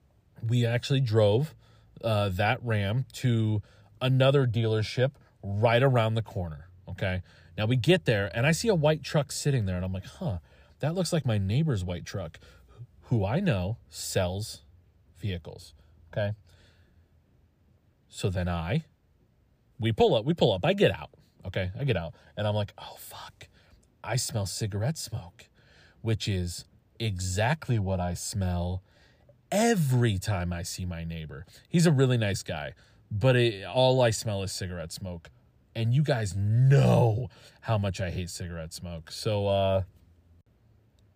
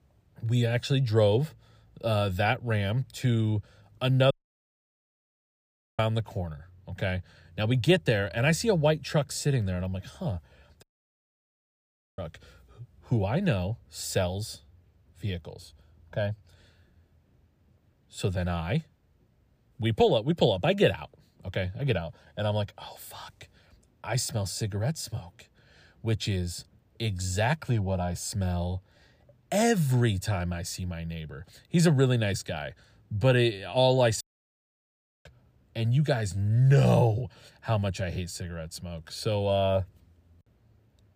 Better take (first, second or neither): first